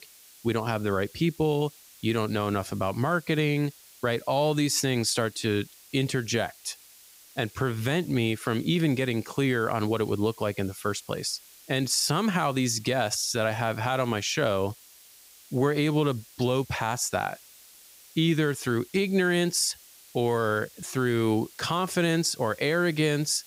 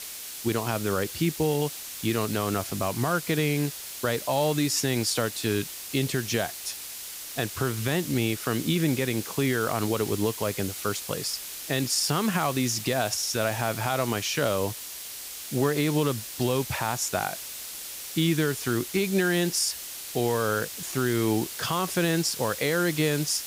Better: first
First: hiss; faint; throughout; 20 dB below the speech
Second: hiss; loud; throughout; 8 dB below the speech

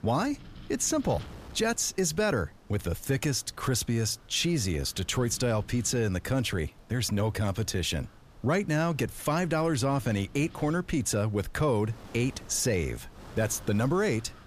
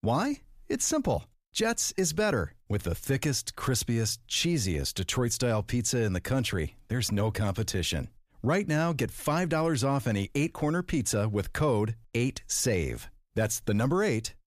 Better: second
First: wind noise on the microphone; occasional gusts; 25 dB below the speech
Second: none

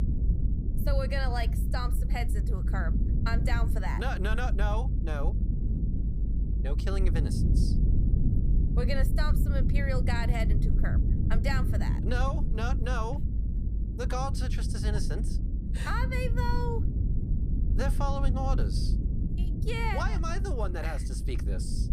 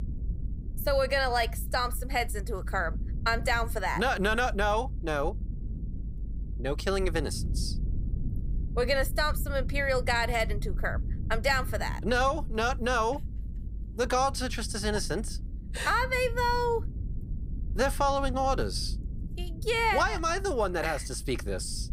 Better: second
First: low rumble; loud; throughout; 7 dB below the speech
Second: low rumble; faint; throughout; 25 dB below the speech

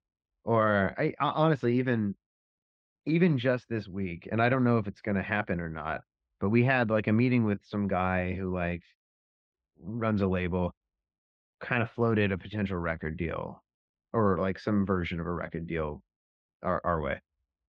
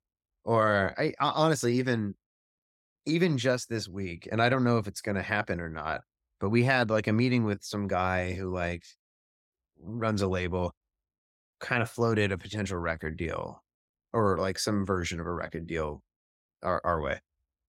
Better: second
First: muffled; very; fading above 3 kHz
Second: none

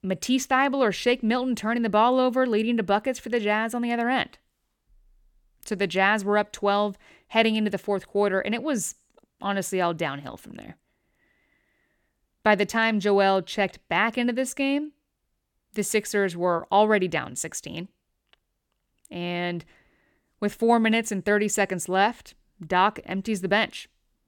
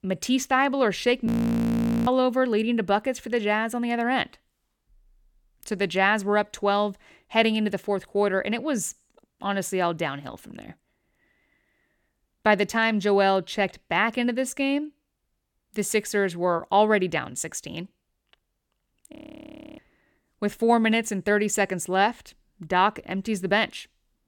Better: first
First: none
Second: audio freezing; at 1.5 s for 1 s and at 19 s for 0.5 s

